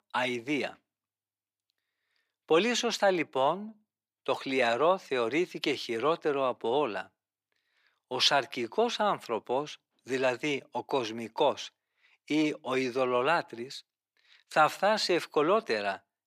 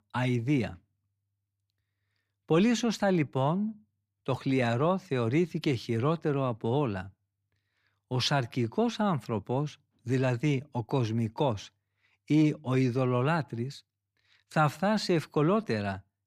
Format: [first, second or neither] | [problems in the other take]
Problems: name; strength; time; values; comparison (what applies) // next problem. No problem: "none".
second | thin; somewhat; fading below 500 Hz